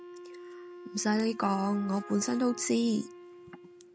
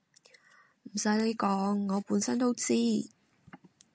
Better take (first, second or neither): second